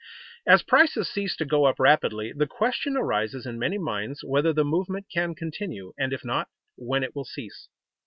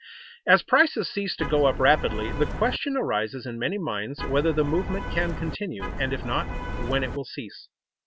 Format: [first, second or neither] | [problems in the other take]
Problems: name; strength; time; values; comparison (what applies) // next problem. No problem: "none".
first | background sound (Vehicle horn, car horn, honking); 4 dB below the speech